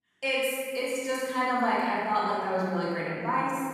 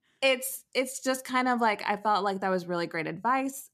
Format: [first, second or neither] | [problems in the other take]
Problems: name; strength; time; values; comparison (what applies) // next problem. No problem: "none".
second | off-mic speech; far // room echo; strong; dies away in 2.5 s